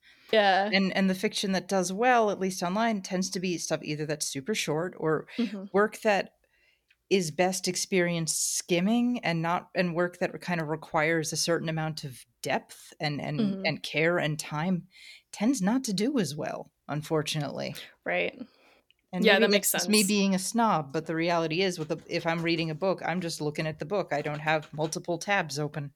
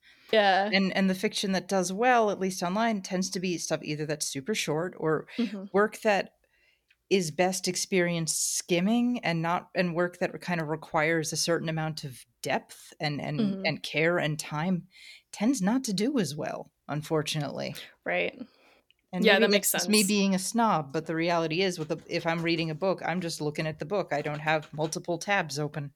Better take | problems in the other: neither | none

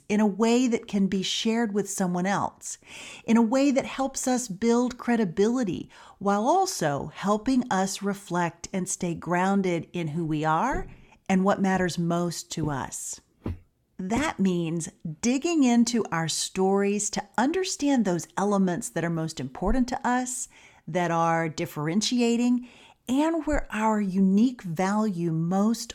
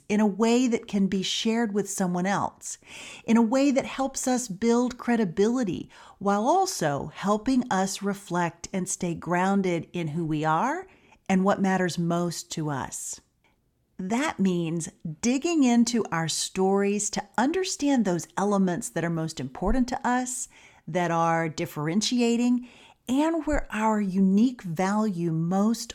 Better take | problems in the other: second | footsteps; faint; from 11 to 14 s; peak 10 dB below the speech

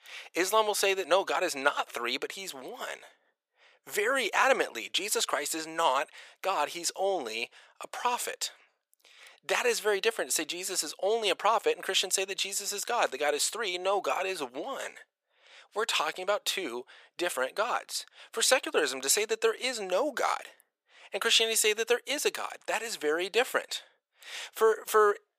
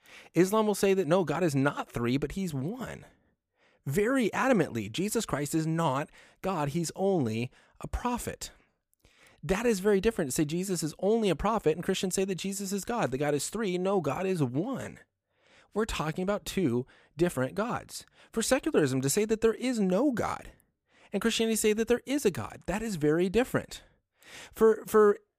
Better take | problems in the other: second | thin; very; fading below 550 Hz

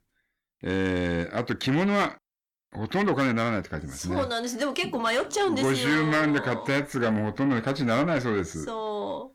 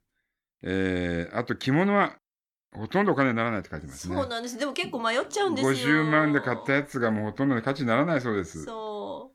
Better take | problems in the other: second | distortion; slight; 10 dB below the speech

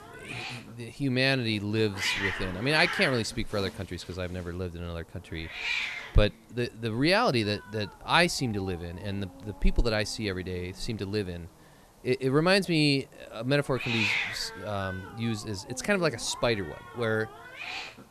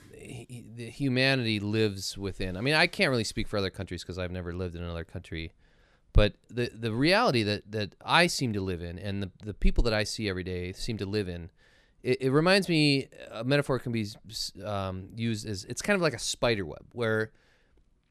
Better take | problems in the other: second | hiss; loud; throughout; 5 dB below the speech

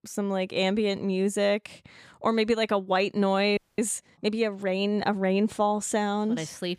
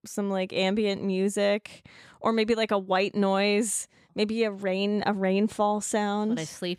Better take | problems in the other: second | audio freezing; at 3.5 s

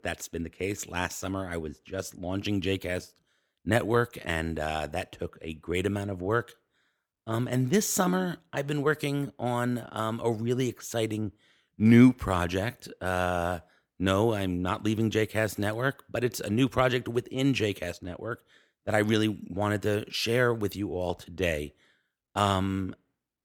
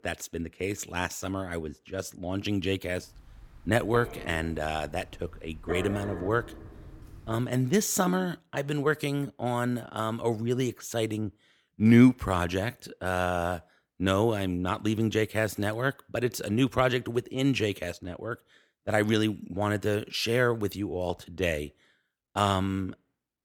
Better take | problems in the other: first | dog barking; noticeable; from 3 to 7.5 s; peak 8 dB below the speech

